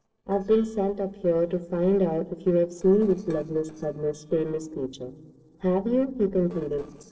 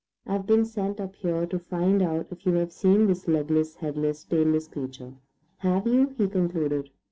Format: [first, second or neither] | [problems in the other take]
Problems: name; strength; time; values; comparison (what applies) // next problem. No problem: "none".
second | noise reduction (neural separator model SepFormer DNS4)